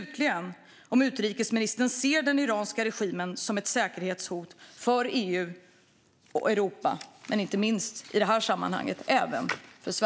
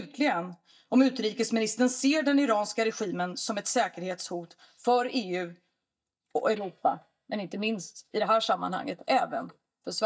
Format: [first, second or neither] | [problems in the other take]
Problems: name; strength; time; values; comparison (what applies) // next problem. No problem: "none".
first | noise reduction (neural mask model DeepFilterNet 3)